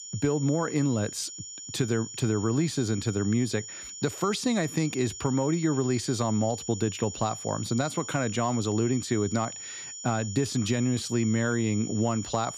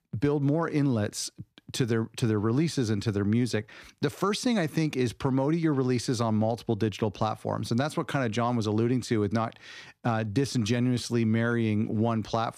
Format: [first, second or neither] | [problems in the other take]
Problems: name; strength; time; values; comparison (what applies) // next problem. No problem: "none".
second | high-pitched whine; loud; throughout; 7 kHz, 10 dB below the speech